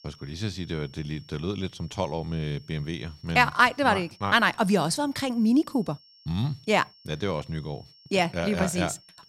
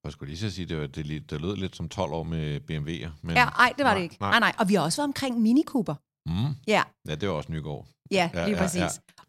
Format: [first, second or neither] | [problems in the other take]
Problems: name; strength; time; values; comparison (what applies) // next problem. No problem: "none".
second | high-pitched whine; faint; throughout; 5.5 kHz, 25 dB below the speech